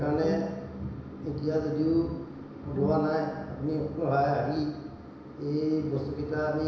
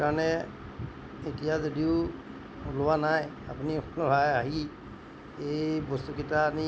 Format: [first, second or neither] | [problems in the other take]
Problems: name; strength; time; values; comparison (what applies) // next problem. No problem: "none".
second | background sound (Bowed string instrument); 11 dB below the speech // room echo; dies away in 1 s